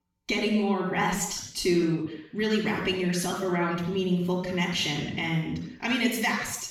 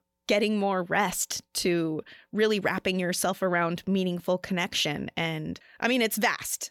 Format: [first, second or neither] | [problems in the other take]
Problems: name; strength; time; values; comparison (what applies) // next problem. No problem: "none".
second | room echo; noticeable; dies away in 0.7 s // off-mic speech; far